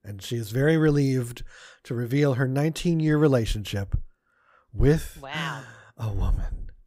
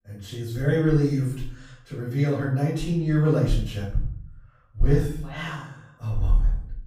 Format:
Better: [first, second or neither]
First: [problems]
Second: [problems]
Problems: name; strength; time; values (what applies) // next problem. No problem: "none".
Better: first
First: none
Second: off-mic speech; far // room echo; noticeable; dies away in 0.5 s